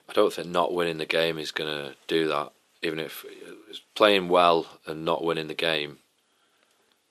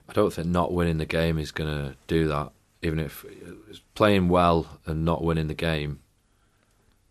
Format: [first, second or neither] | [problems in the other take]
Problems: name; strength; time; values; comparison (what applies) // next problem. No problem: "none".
second | thin; somewhat; fading below 400 Hz